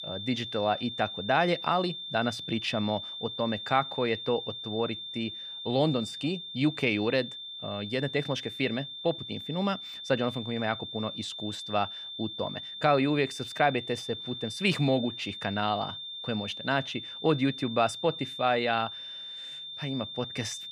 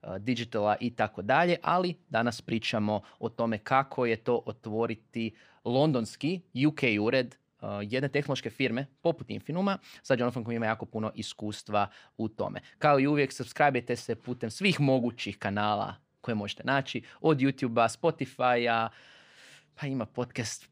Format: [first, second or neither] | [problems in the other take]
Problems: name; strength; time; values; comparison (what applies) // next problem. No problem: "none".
second | high-pitched whine; loud; throughout; 3.5 kHz, 7 dB below the speech